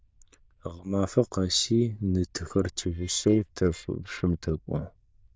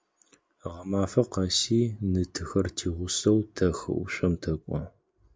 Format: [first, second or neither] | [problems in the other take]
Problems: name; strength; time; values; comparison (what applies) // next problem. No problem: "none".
second | noise reduction (neural diffusion model UNIVERSE++)